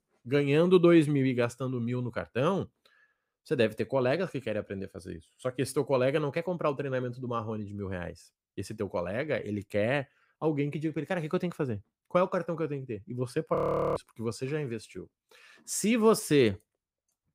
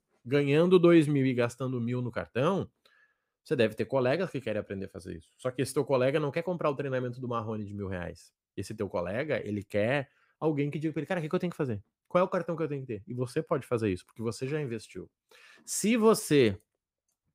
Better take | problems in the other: second | audio freezing; at 14 s

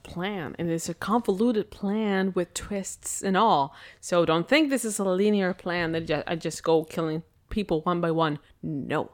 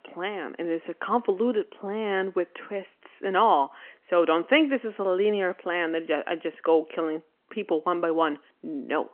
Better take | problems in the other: first | phone-call audio

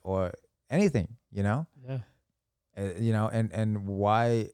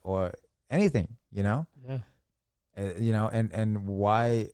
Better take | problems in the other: first | garbled, watery; slightly; nothing above 19 kHz

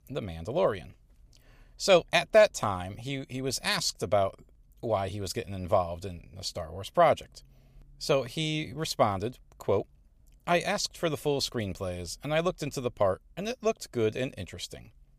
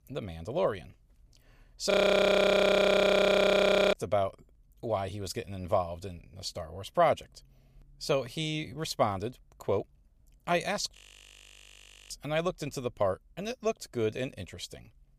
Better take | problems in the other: first | audio freezing; at 2 s for 2 s and at 11 s for 1 s

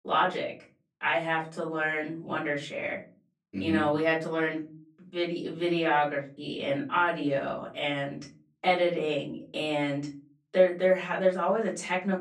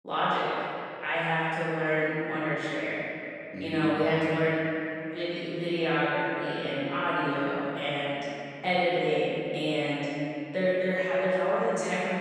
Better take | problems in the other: first | room echo; strong; dies away in 2.7 s; slight in the first // off-mic speech; far; far in the first

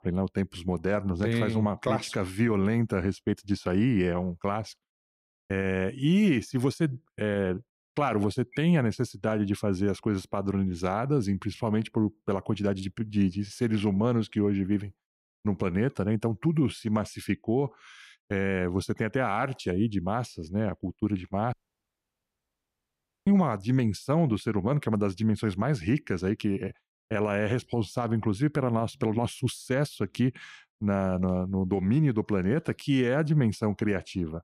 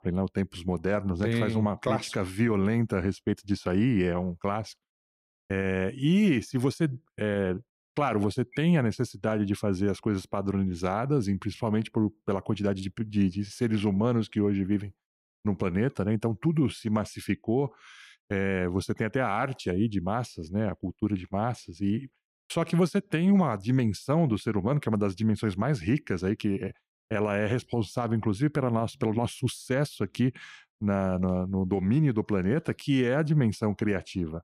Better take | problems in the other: second | audio cutting out; at 22 s for 1.5 s

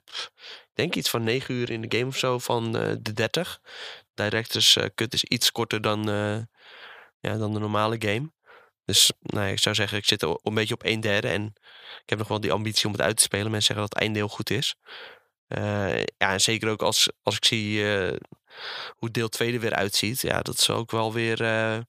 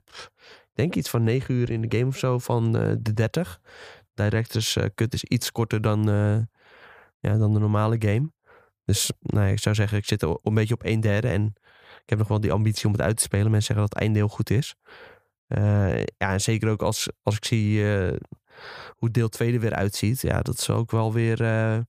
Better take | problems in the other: second | thin; somewhat; fading below 450 Hz

